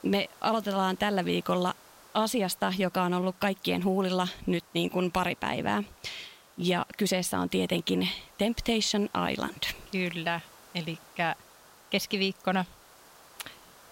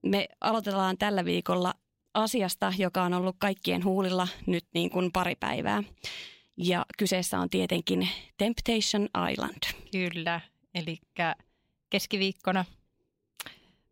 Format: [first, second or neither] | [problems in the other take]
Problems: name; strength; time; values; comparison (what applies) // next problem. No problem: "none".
second | hiss; faint; throughout; 25 dB below the speech